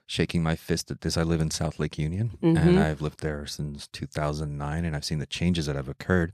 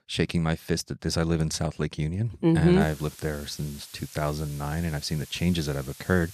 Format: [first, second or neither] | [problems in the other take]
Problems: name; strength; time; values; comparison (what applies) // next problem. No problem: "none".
first | hiss; noticeable; from 3 s on; 20 dB below the speech